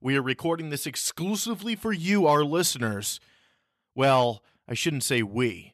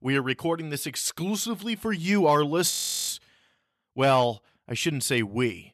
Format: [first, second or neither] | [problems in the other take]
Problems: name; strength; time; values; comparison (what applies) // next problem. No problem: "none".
first | audio freezing; at 2.5 s